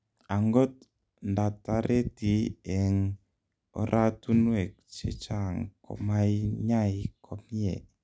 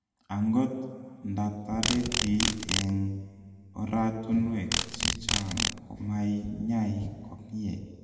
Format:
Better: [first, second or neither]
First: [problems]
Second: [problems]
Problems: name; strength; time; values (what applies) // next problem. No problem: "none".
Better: first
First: none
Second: background sound (Insect); 2 dB below the speech // room echo; dies away in 1.8 s